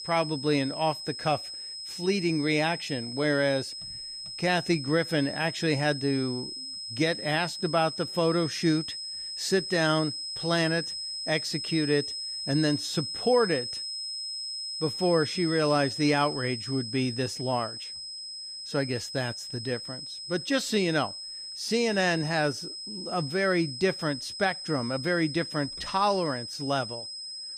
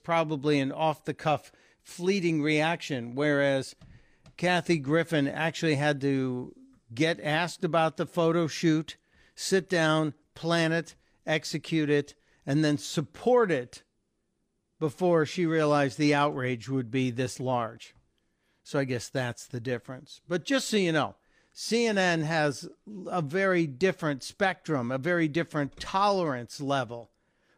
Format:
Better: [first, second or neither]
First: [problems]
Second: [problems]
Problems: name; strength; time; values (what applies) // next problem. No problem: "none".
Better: second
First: high-pitched whine; loud; throughout; 5 kHz, 7 dB below the speech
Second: none